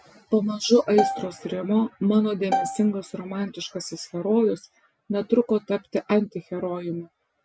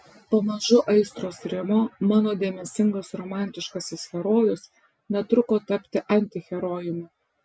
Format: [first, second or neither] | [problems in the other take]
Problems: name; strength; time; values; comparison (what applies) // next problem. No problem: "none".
second | background sound (Bowed string instrument); 4 dB below the speech